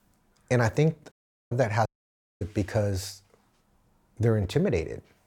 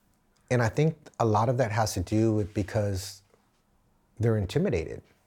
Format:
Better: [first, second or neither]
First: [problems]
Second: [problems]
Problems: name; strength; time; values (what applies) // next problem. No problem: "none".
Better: second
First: audio cutting out; at 1 s and at 2 s for 0.5 s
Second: none